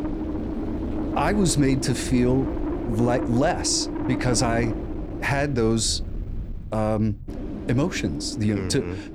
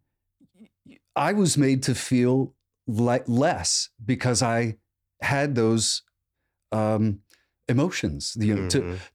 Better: second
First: wind noise on the microphone; heavy; 8 dB below the speech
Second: none

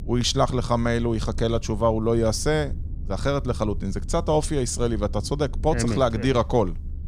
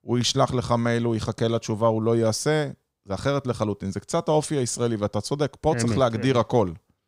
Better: second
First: low rumble; faint; throughout; 25 dB below the speech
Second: none

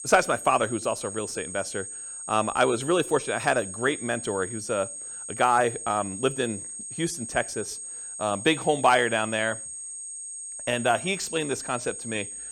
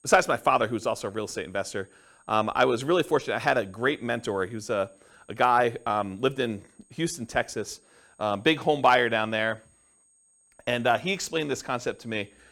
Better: second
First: high-pitched whine; loud; throughout; 8.5 kHz, 8 dB below the speech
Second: high-pitched whine; faint; throughout; 8.5 kHz, 35 dB below the speech

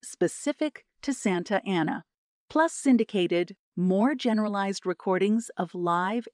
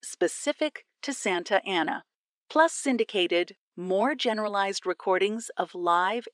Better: first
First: none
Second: thin; somewhat; fading below 450 Hz

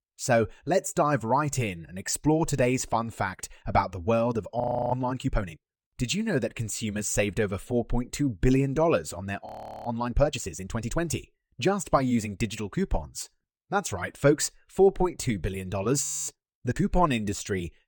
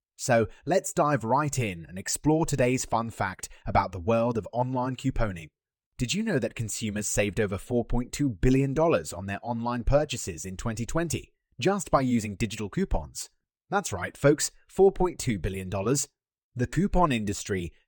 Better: second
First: audio freezing; at 4.5 s, at 9.5 s and at 16 s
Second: none

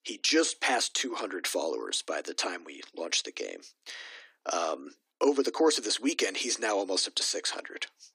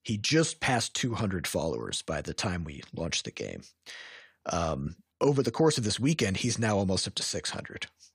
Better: second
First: thin; somewhat; fading below 250 Hz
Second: none

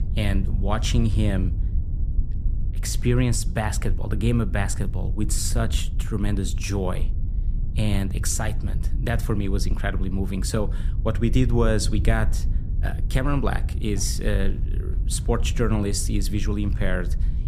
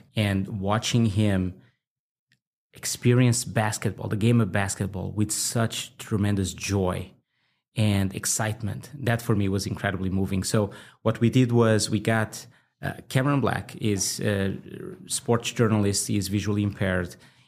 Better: second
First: low rumble; noticeable; throughout; 15 dB below the speech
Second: none

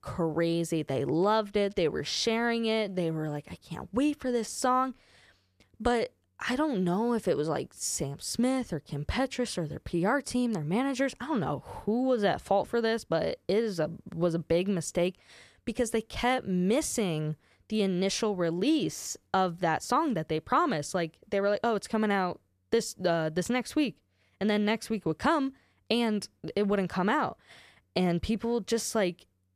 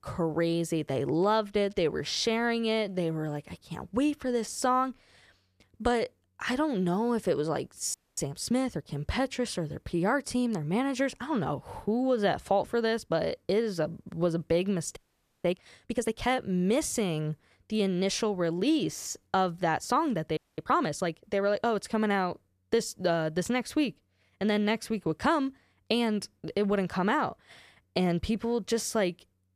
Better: first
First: none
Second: audio freezing; at 8 s, at 15 s and at 20 s

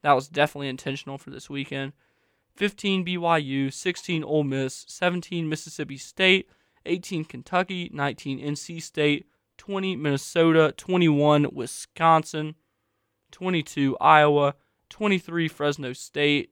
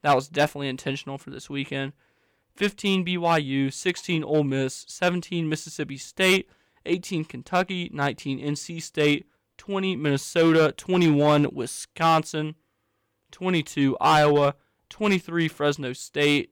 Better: first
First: none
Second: distortion; slight; 3% of the sound clipped

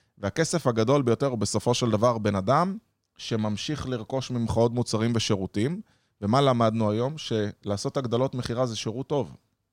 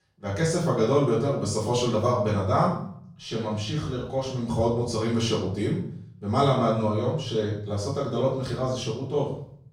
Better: first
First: none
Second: off-mic speech; far // room echo; noticeable; dies away in 0.6 s

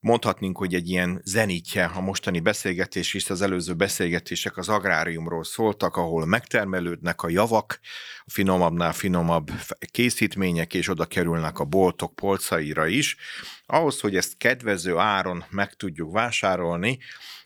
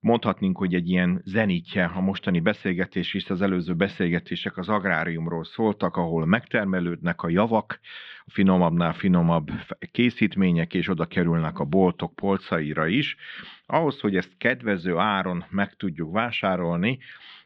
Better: first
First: none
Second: muffled; very; fading above 3.5 kHz

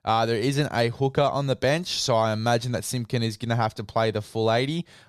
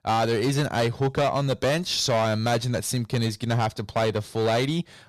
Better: first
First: none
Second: distortion; slight; 12% of the sound clipped

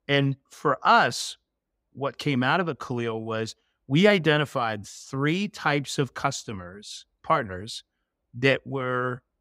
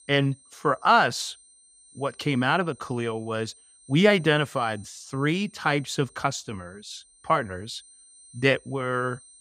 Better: first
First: none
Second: high-pitched whine; faint; throughout; 8.5 kHz, 25 dB below the speech

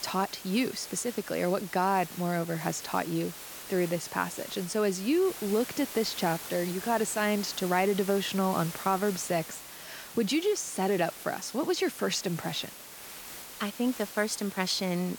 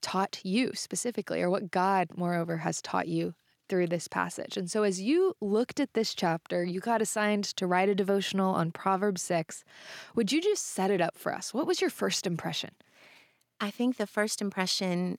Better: second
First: hiss; noticeable; throughout; 10 dB below the speech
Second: none

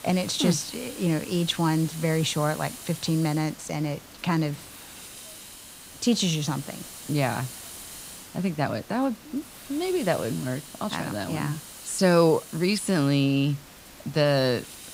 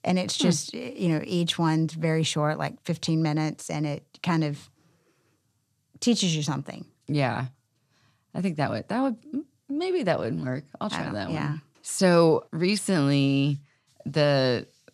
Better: second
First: hiss; noticeable; throughout; 15 dB below the speech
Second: none

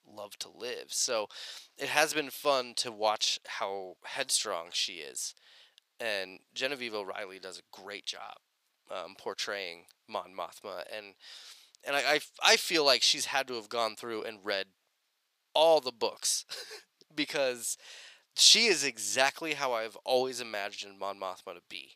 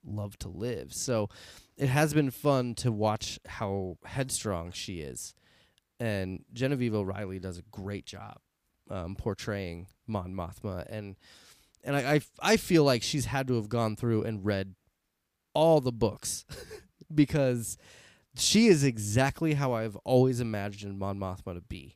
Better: second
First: thin; very; fading below 650 Hz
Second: none

